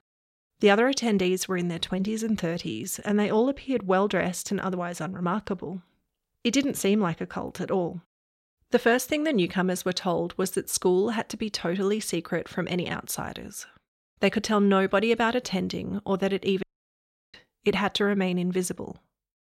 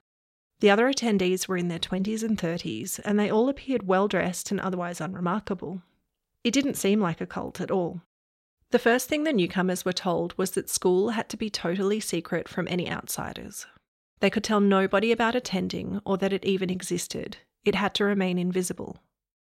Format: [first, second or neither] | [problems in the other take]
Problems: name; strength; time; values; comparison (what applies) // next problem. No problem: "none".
second | audio cutting out; at 17 s for 0.5 s